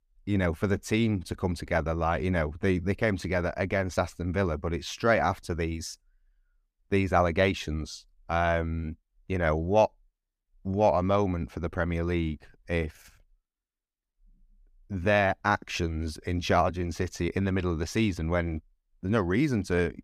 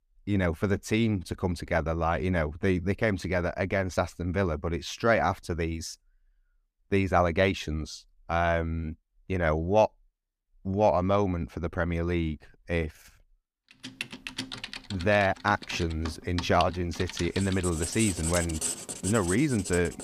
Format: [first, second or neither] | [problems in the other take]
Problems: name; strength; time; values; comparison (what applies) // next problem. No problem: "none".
first | household noises; loud; from 14 s on; 8 dB below the speech